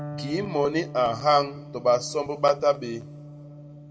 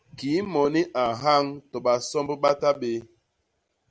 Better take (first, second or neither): second